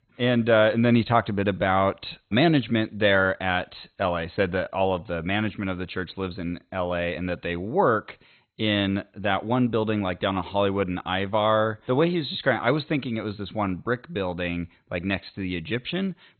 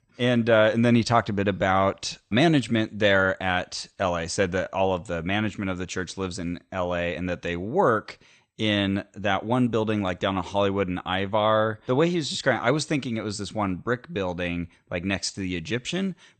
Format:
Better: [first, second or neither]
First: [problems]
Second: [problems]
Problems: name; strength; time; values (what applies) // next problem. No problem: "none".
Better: second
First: garbled, watery; badly; nothing above 4 kHz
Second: garbled, watery; slightly; nothing above 8.5 kHz